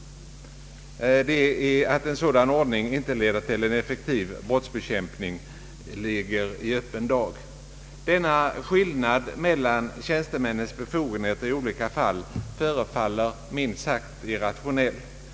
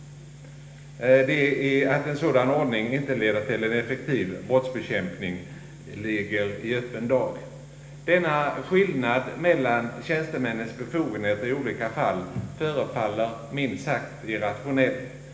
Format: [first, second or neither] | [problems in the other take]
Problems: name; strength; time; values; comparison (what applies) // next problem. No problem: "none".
first | room echo; dies away in 1.1 s